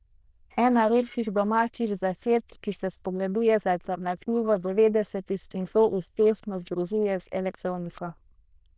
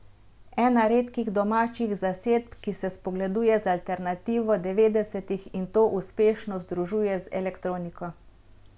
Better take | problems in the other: second | noise reduction (neural diffusion model UNIVERSE++)

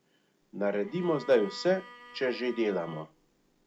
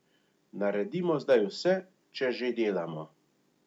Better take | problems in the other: second | background sound (Bowed string instrument); 19 dB below the speech

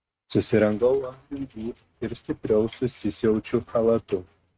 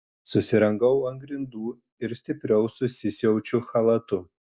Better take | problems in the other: second | noise reduction (neural mask model RNNoise)

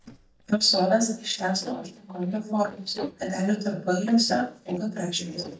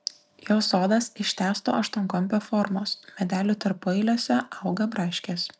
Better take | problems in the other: second | noise reduction (neural mask model DeepFilterNet 3)

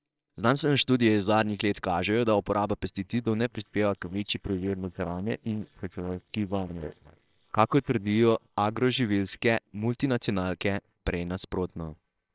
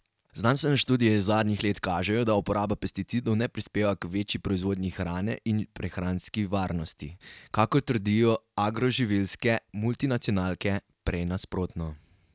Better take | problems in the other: second | noise reduction (neural separator model SepFormer WHAMR!)

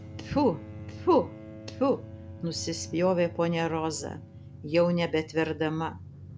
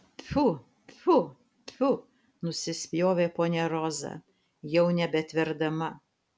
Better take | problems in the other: second | background sound (Drum + Bowed string instrument); 14 dB below the speech

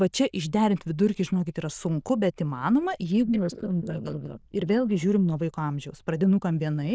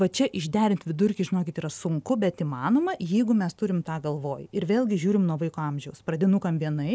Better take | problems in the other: second | noise reduction (neural diffusion model UNIVERSE++)

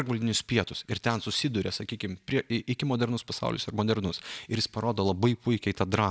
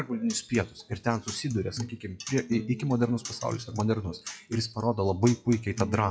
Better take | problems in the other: first | noise reduction (classical method WPE with log-MMSE)

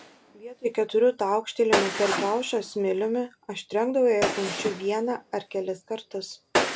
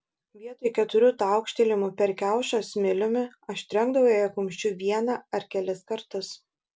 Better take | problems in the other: second | background sound (Gunshot, gunfire); 6 dB below the speech

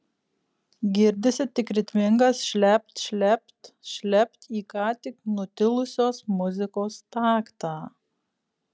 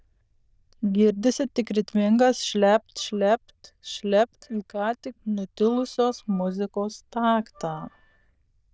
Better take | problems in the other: first | noise reduction (neural diffusion model UNIVERSE++)

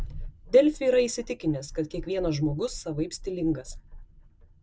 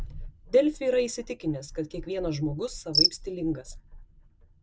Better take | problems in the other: first | background sound (Cricket); 2 dB below the speech

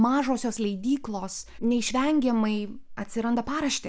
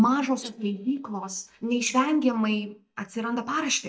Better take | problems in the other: first | noise reduction (neural mask model DeepFilterNet 3)

